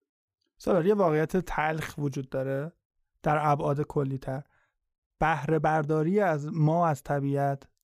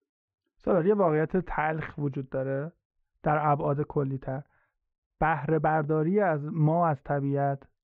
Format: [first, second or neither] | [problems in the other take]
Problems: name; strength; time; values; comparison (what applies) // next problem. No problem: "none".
first | muffled; very; fading above 2 kHz